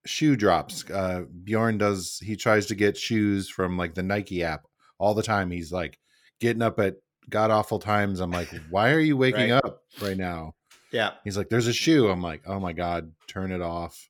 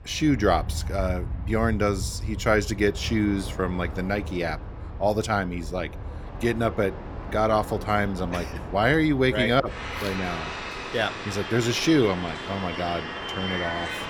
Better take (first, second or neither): first